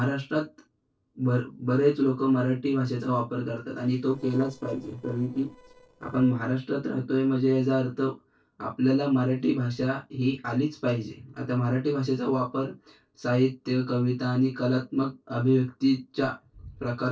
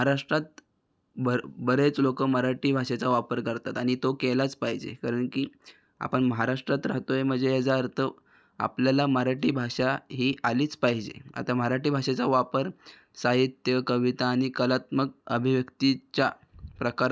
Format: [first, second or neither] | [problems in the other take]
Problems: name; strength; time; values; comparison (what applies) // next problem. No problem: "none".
second | noise reduction (neural separator model SepFormer DNS4)